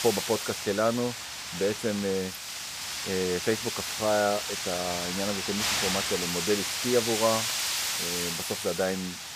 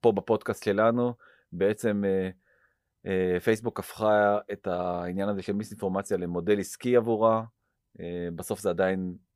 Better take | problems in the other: second | wind noise on the microphone; heavy; as loud as the speech

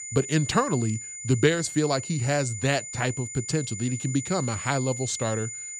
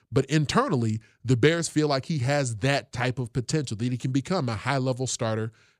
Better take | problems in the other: second | high-pitched whine; loud; throughout; 7 kHz, 8 dB below the speech

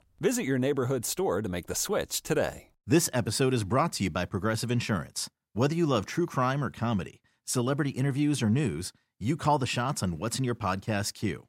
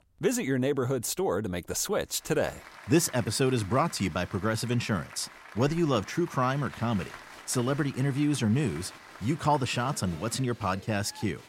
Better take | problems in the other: first | crowd noise; noticeable; from 2.5 s on; 20 dB below the speech

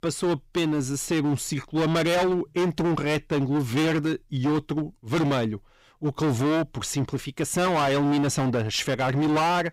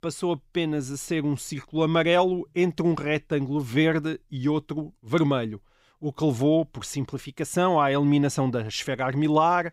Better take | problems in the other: second | distortion; heavy; 23% of the sound clipped

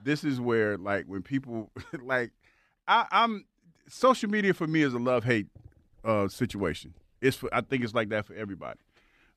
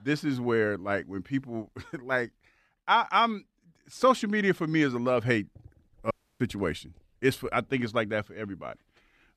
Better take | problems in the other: first | audio cutting out; at 6 s

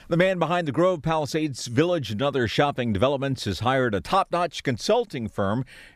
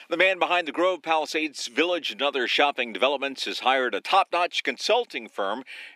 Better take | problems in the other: first | thin; somewhat; fading below 300 Hz

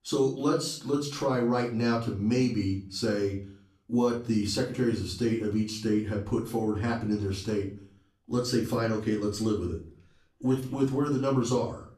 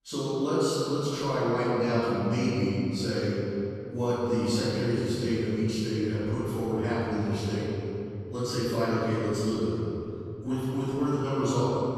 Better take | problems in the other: first | room echo; strong; dies away in 2.9 s; slight in the first // off-mic speech; far; far in the first

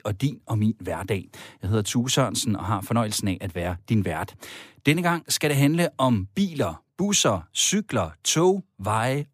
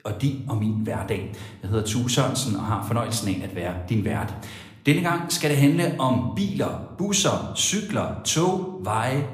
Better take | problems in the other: first | room echo; slight; dies away in 0.7 s

